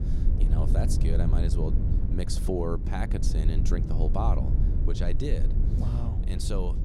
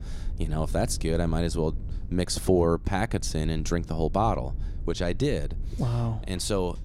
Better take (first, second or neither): second